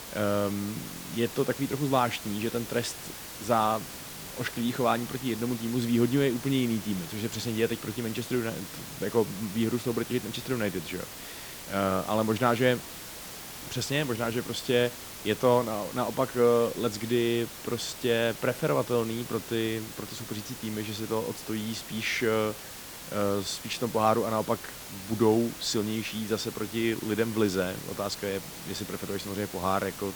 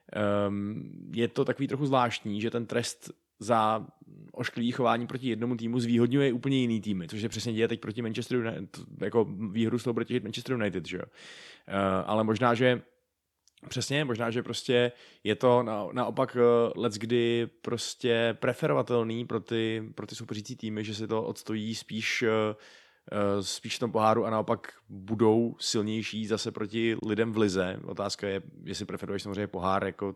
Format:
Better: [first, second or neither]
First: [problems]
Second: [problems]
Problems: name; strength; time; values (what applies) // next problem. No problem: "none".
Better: second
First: hiss; noticeable; throughout; 10 dB below the speech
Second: none